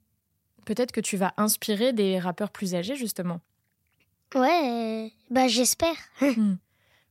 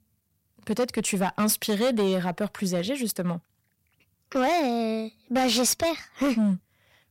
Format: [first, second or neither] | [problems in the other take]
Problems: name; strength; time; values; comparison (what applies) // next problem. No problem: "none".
first | distortion; slight; 9% of the sound clipped